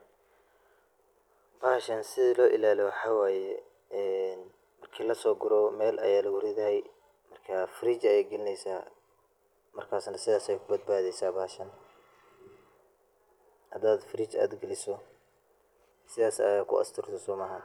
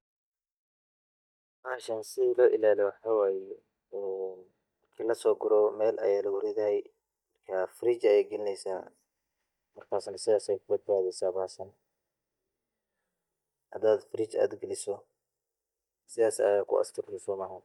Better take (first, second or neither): first